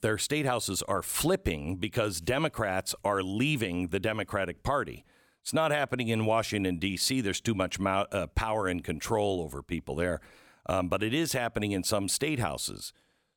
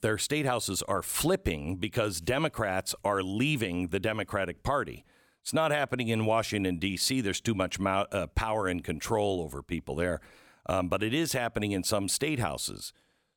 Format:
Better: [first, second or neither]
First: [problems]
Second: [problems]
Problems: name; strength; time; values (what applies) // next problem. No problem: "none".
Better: neither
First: none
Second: none